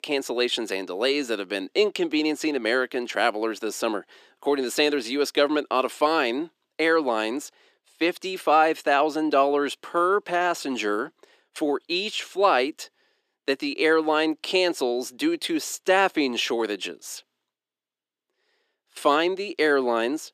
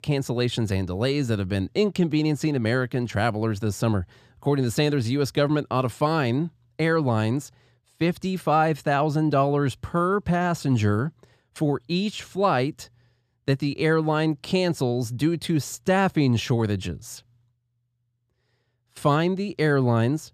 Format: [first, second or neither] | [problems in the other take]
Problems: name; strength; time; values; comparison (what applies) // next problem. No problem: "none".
second | thin; somewhat; fading below 300 Hz